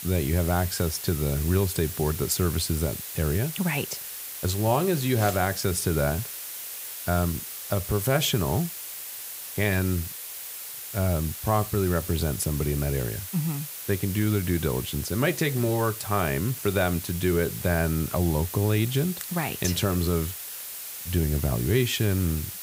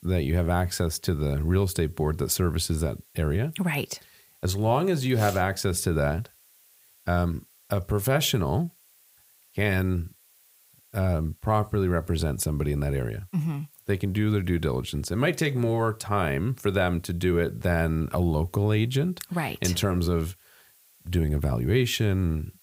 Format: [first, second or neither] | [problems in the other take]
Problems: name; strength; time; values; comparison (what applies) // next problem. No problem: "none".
second | hiss; loud; throughout; 8 dB below the speech; faint in the second